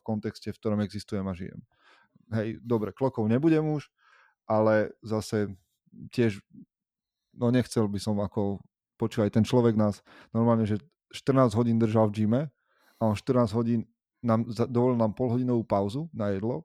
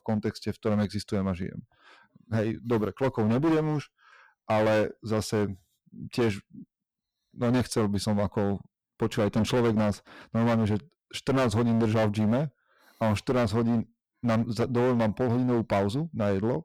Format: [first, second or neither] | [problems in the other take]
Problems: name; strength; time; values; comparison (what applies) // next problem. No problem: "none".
first | distortion; heavy; 15% of the sound clipped